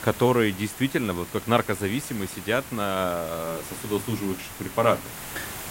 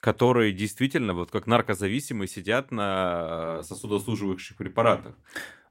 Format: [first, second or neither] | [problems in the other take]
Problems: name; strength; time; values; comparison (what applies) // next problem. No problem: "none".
second | hiss; noticeable; throughout; 10 dB below the speech